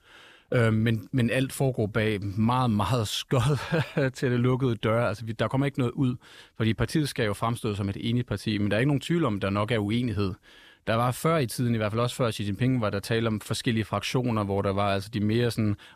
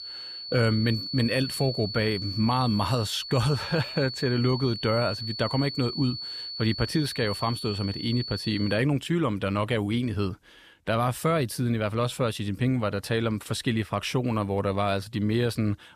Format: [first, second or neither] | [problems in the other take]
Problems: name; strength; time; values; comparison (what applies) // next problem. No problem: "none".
first | high-pitched whine; loud; until 9 s; 4.5 kHz, 7 dB below the speech